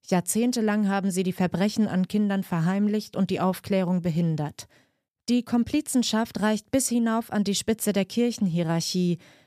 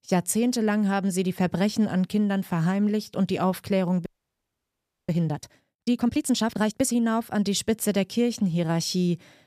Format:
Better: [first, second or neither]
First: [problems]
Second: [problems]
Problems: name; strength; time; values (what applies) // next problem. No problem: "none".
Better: first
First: none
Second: audio freezing; at 4 s for 1 s